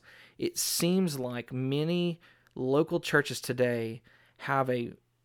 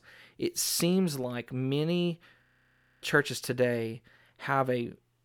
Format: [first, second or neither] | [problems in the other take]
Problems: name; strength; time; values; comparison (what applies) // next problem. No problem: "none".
first | audio freezing; at 2.5 s for 0.5 s